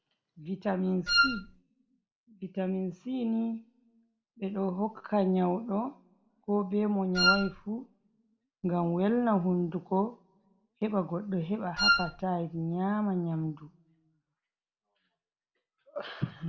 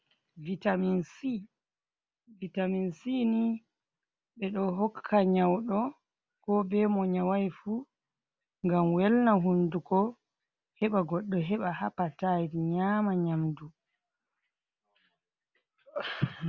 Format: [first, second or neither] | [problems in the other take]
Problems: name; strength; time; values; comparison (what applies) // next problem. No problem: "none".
second | background sound (Wind instrument, woodwind instrument); 5 dB above the speech // room echo; dies away in 0.6 s